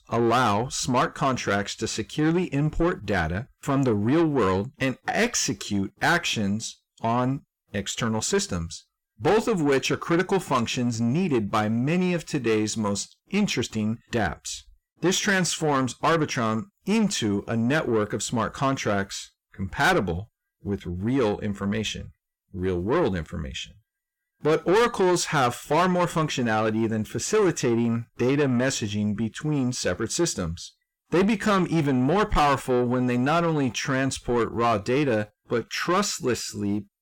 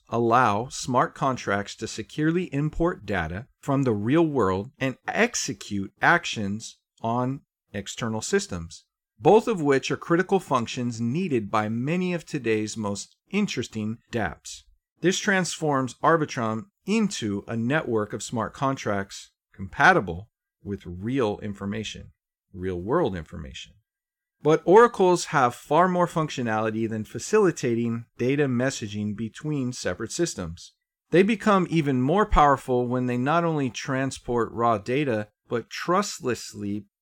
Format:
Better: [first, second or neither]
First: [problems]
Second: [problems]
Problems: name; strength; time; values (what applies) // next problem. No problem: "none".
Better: second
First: distortion; heavy; 8 dB below the speech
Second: none